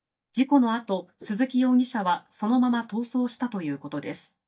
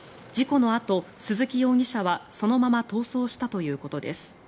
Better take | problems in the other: second | noise reduction (neural mask model DeepFilterNet 3)

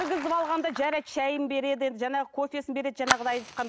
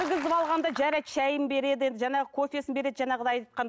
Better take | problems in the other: second | background sound (Fire); 9 dB below the speech

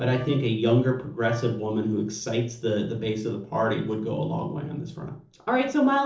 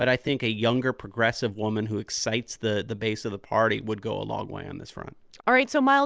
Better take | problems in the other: second | noise reduction (neural separator model SepFormer DNS4)

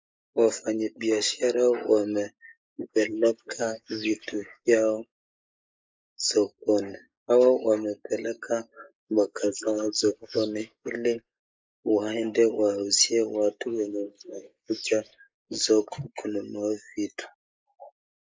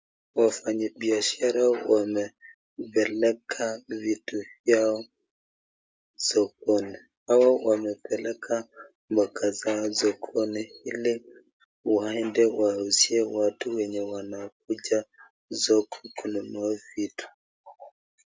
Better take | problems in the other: second | noise reduction (neural mask model Resemble Enhance denoiser)

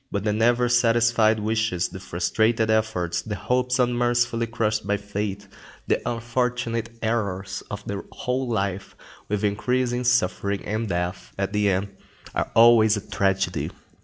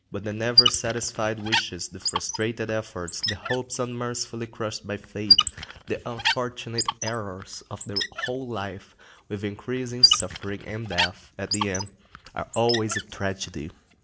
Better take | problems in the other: first | background sound (Squeak); 2 dB above the speech

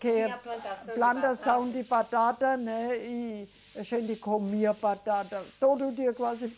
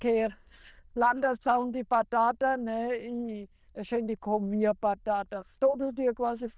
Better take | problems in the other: first | noise reduction (neural diffusion model UNIVERSE++)

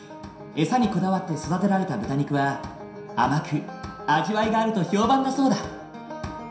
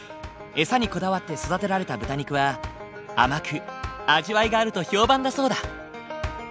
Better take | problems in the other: second | room echo; dies away in 0.7 s

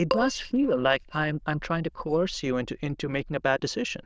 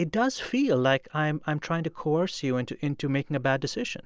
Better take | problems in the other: second | noise reduction (neural diffusion model UNIVERSE++)

